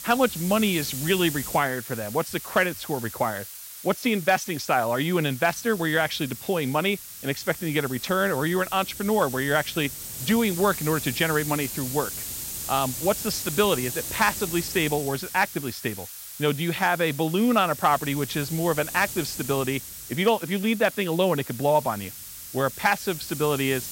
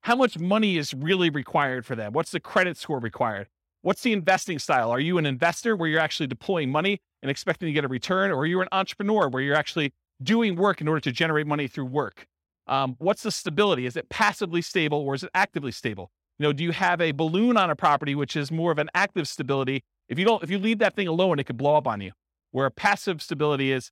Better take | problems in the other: second | hiss; loud; throughout; 9 dB below the speech

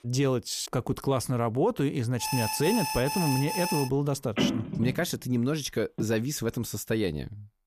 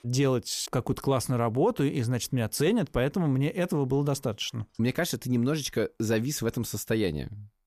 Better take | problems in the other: second | alarm; noticeable; from 2 to 4 s; peak 2 dB below the speech // phone ringing; loud; from 4.5 to 6 s; peak level with the speech

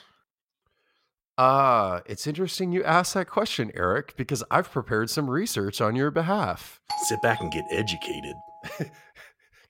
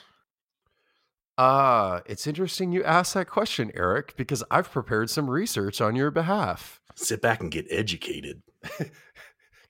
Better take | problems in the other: second | doorbell; noticeable; from 7 to 8.5 s; peak 6 dB below the speech

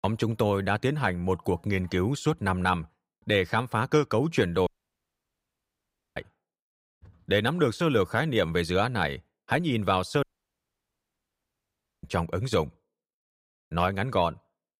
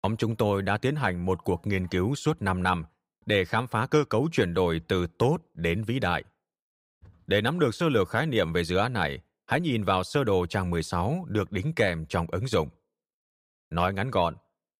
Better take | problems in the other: second | audio cutting out; at 4.5 s for 1.5 s and at 10 s for 2 s

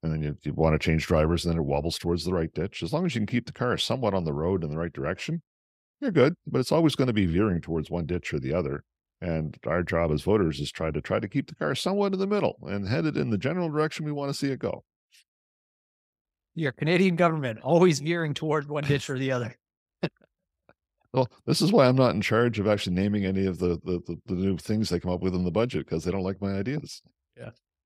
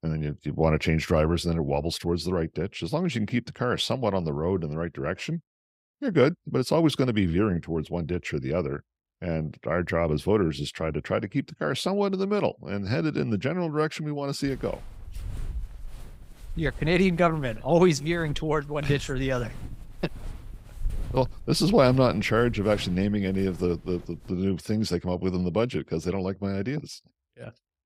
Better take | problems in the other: first | footsteps; noticeable; from 14 to 24 s; peak 9 dB below the speech

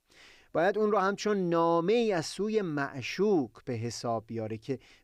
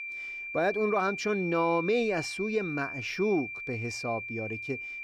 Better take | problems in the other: first | high-pitched whine; loud; throughout; 2.5 kHz, 5 dB below the speech

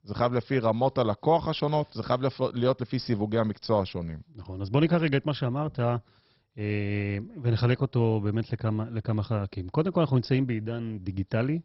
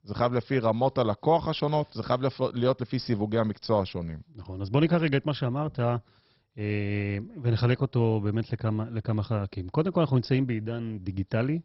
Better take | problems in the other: neither | garbled, watery; badly; nothing above 5.5 kHz; the same in both

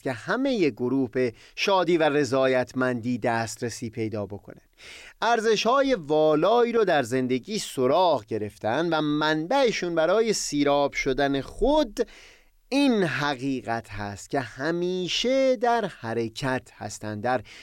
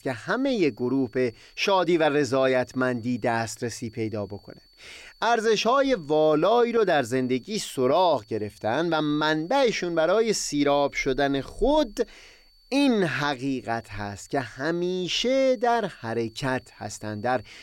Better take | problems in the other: first | high-pitched whine; faint; throughout; 4.5 kHz, 30 dB below the speech

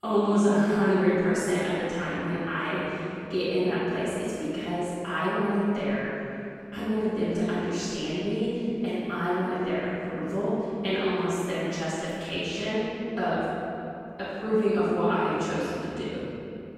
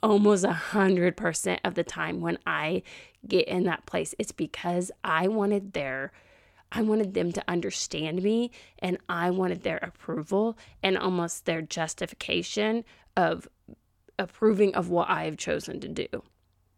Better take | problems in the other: second | off-mic speech; far // room echo; strong; dies away in 2.8 s

